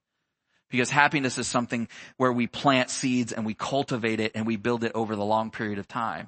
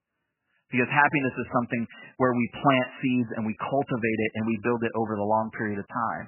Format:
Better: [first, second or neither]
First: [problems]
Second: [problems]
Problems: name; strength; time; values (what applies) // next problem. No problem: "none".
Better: first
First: garbled, watery; slightly; nothing above 8 kHz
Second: garbled, watery; badly; nothing above 3 kHz